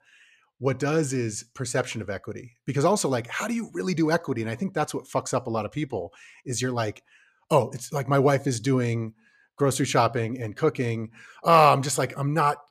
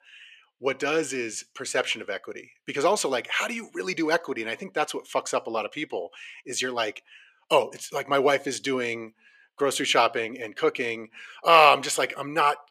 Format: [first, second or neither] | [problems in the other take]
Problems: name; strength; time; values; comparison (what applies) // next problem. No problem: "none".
first | thin; somewhat; fading below 400 Hz